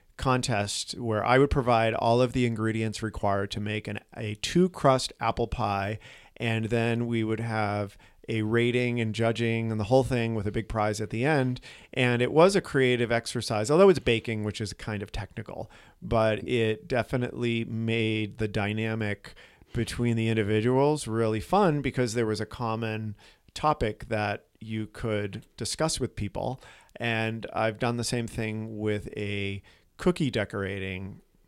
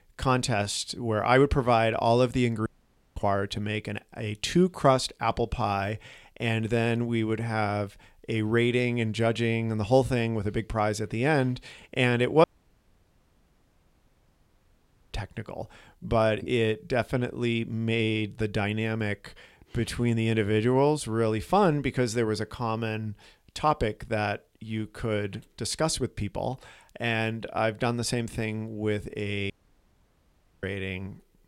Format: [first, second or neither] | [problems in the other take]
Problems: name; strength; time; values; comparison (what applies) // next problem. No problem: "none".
first | audio cutting out; at 2.5 s for 0.5 s, at 12 s for 2.5 s and at 30 s for 1 s